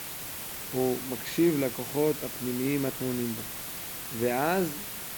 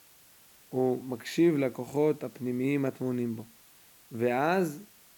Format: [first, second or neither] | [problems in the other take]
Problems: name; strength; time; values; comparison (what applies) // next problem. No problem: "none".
second | hiss; loud; throughout; 6 dB below the speech; faint in the second